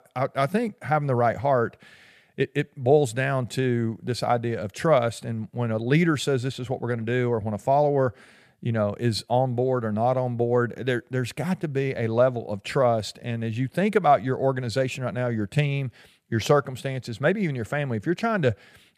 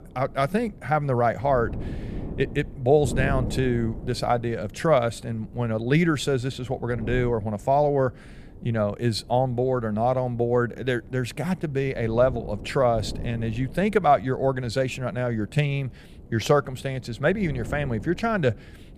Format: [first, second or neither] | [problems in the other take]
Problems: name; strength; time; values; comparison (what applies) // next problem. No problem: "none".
first | wind noise on the microphone; occasional gusts; 20 dB below the speech